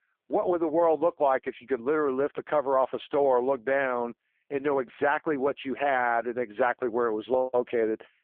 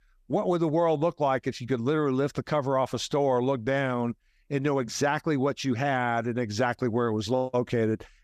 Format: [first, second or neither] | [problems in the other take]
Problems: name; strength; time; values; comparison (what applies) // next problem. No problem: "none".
second | phone-call audio; poor line